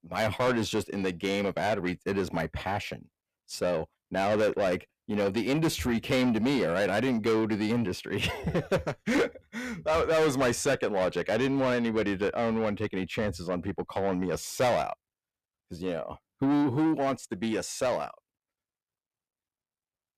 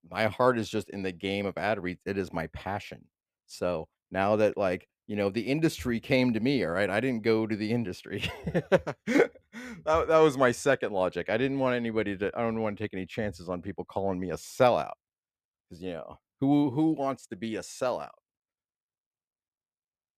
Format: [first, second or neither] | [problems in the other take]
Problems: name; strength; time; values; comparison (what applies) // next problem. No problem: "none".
second | distortion; heavy; 7 dB below the speech